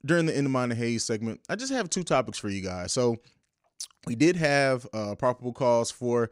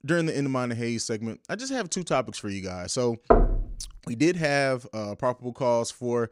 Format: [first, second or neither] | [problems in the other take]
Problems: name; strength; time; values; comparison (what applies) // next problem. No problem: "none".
first | door banging; loud; at 3.5 s; peak 6 dB above the speech